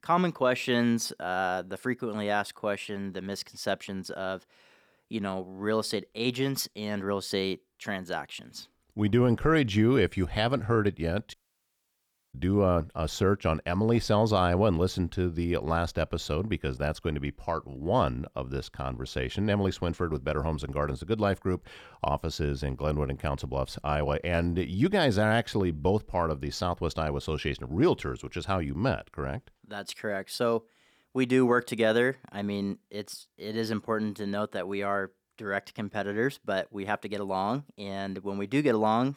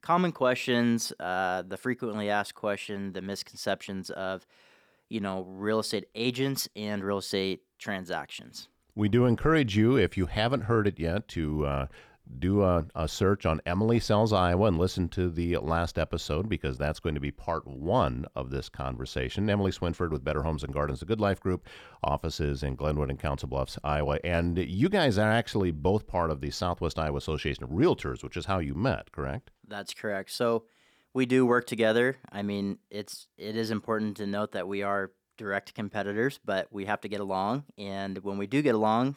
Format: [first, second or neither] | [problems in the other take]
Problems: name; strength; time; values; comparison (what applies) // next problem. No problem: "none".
second | audio cutting out; at 11 s for 1 s